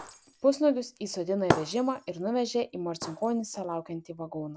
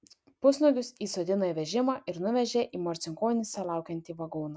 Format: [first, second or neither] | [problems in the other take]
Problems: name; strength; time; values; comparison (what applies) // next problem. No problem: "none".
second | background sound (Shatter); 8 dB below the speech